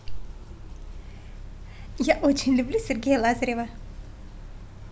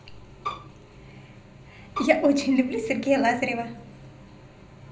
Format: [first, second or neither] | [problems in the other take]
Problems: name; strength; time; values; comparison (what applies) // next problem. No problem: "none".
first | background sound (Bowed string instrument); 10 dB below the speech // room echo; dies away in 0.5 s